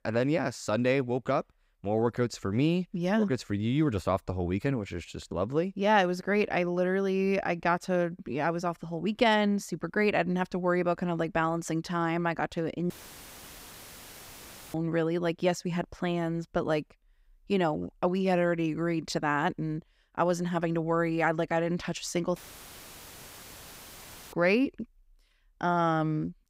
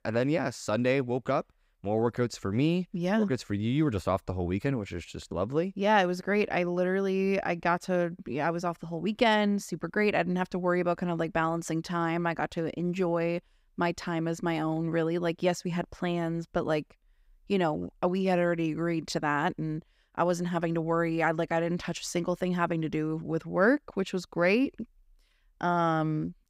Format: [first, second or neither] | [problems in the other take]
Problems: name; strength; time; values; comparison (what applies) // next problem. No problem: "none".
second | audio cutting out; filled with static; at 13 s for 2 s and at 22 s for 2 s